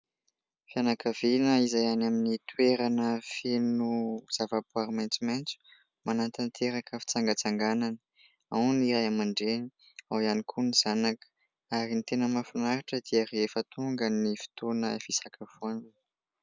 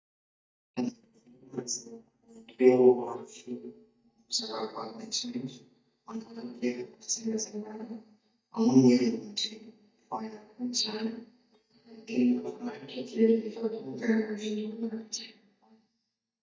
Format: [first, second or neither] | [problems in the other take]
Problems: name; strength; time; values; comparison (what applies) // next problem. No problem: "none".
first | noise reduction (neural mask model DeepFilterNet 3)